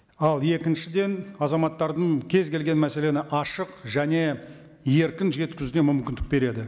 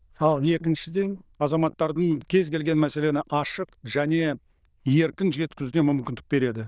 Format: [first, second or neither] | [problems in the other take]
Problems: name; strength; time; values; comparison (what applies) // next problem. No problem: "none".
first | noise reduction (neural diffusion model UNIVERSE++)